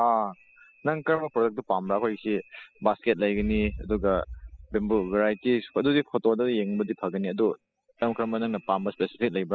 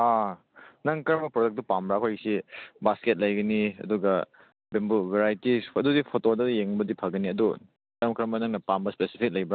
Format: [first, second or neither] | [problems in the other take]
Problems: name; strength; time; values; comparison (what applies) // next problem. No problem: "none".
second | noise reduction (classical method spectral subtraction)